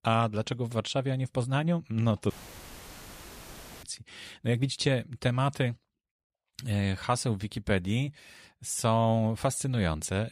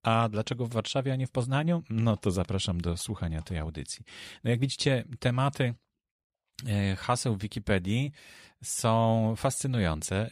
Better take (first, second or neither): second